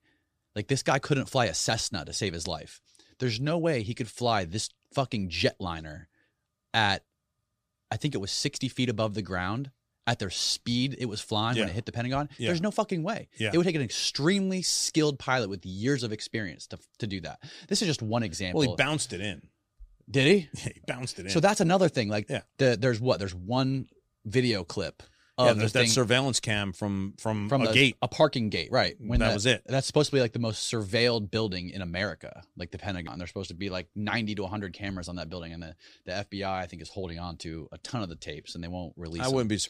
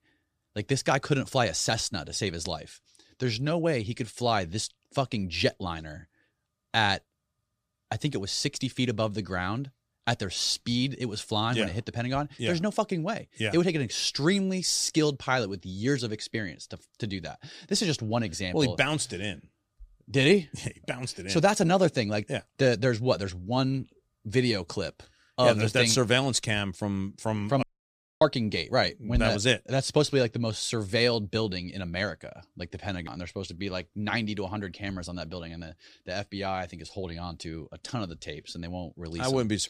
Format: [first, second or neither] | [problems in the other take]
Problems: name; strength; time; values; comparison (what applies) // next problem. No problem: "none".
first | audio cutting out; at 28 s for 0.5 s